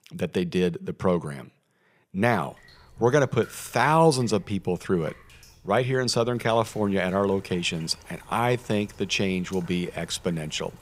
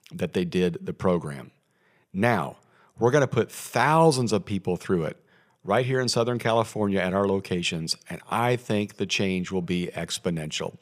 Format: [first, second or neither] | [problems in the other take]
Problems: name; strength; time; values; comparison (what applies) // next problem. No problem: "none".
second | rain or running water; faint; from 2.5 s on; 25 dB below the speech